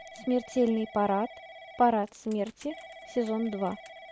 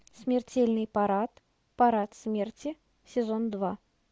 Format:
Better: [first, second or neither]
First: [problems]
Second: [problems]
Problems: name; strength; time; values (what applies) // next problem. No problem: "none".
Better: second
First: background sound (Telephone / Typing); 18 dB below the speech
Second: none